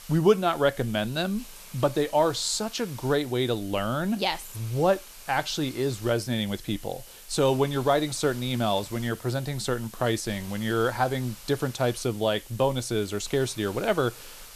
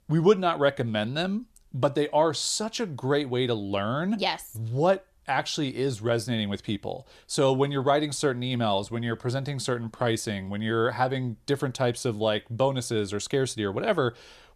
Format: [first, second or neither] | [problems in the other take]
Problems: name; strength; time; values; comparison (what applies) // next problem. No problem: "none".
second | hiss; noticeable; throughout; 15 dB below the speech